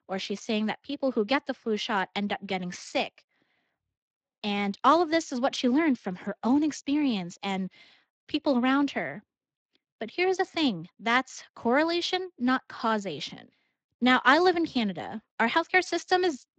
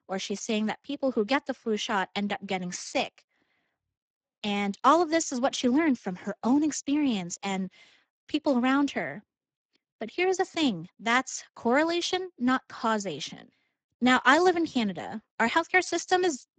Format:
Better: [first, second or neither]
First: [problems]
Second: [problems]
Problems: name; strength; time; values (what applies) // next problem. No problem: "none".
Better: first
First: garbled, watery; slightly; nothing above 7.5 kHz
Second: garbled, watery; badly; nothing above 7.5 kHz